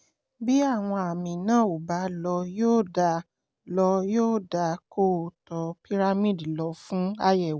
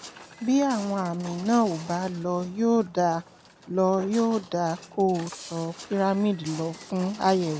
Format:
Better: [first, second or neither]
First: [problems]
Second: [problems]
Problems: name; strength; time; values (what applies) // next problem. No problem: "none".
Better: first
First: none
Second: background sound (Walk, footsteps); 18 dB below the speech